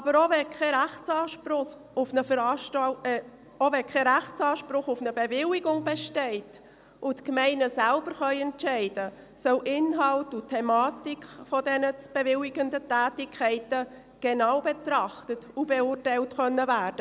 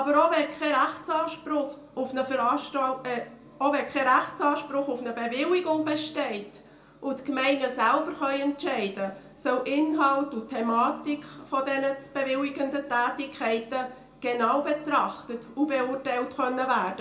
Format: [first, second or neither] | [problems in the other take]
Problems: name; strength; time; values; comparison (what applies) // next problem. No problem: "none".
first | room echo; dies away in 0.3 s